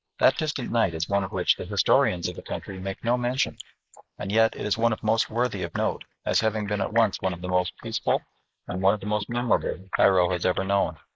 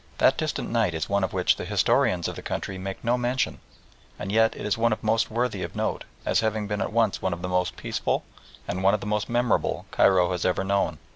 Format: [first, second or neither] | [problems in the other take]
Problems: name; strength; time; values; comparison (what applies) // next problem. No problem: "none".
second | noise reduction (neural mask model Resemble Enhance denoiser)